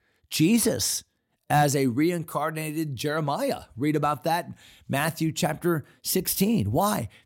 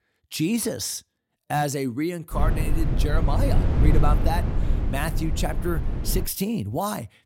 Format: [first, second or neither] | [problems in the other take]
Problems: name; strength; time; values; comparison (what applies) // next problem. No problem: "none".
first | low rumble; loud; from 2.5 to 6 s; 7 dB below the speech